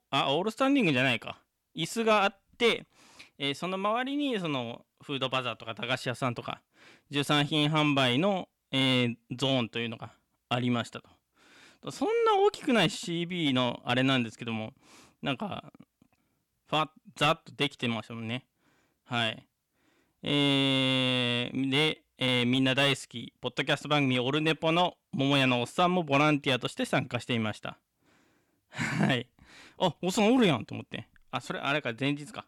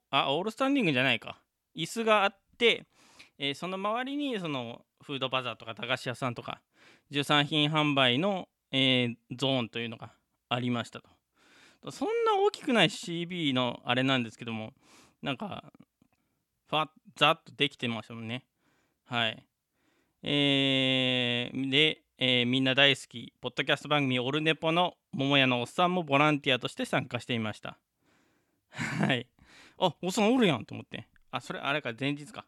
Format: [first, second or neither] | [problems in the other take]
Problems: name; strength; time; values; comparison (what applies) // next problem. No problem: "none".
second | distortion; slight; 10 dB below the speech